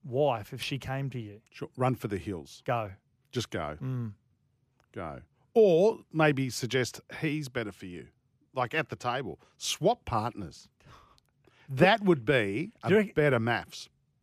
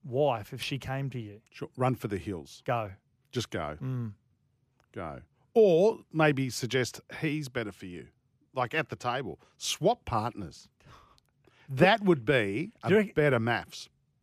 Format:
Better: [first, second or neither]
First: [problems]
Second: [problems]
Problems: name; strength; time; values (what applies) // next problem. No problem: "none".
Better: neither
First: none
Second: none